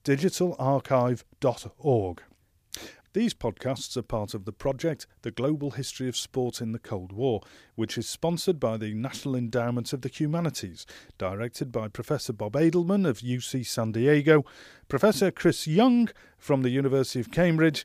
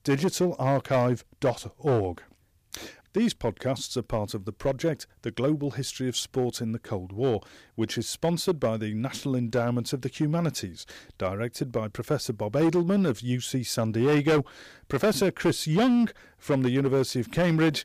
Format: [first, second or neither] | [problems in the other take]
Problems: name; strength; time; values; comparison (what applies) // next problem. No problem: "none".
first | distortion; slight; 5% of the sound clipped